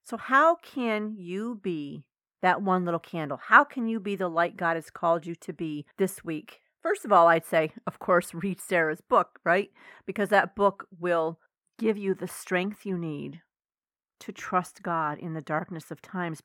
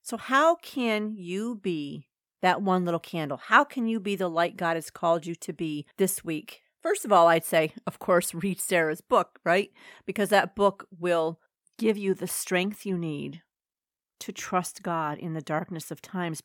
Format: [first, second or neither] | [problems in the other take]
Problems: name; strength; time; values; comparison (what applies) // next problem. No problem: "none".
second | muffled; slightly; fading above 2.5 kHz